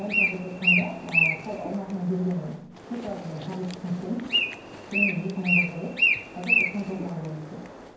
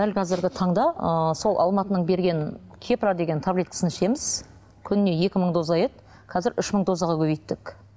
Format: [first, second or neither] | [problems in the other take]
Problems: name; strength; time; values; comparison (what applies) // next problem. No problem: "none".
second | background sound (Bird); 3 dB above the speech // room echo; dies away in 0.9 s